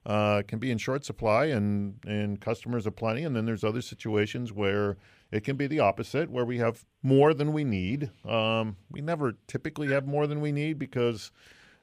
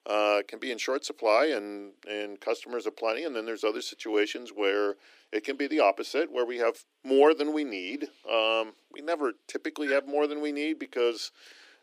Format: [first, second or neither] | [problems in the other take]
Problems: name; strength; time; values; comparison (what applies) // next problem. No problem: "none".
first | thin; somewhat; fading below 300 Hz